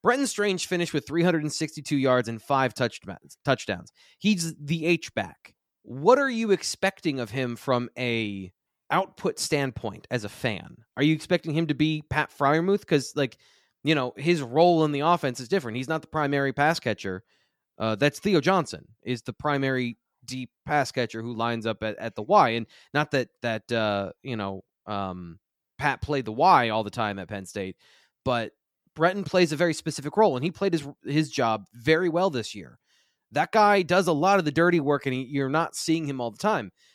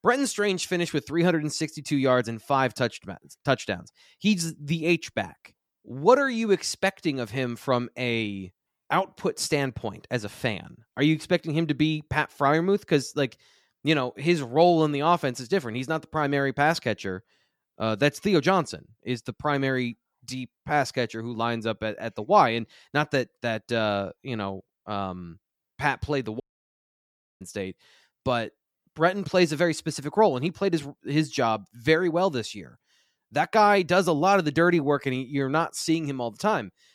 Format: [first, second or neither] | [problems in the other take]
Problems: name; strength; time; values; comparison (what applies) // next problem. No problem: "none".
first | audio cutting out; at 26 s for 1 s